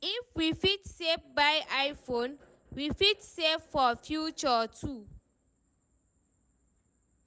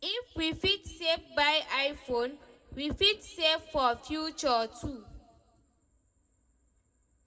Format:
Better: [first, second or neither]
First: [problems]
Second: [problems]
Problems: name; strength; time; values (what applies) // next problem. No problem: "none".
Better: first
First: none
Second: room echo; dies away in 1.1 s